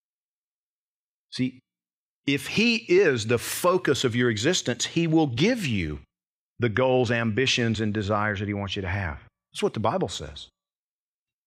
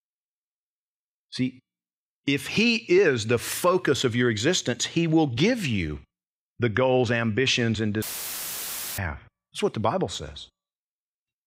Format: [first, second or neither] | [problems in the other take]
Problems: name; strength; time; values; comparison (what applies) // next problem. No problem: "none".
first | audio cutting out; filled with static; at 8 s for 1 s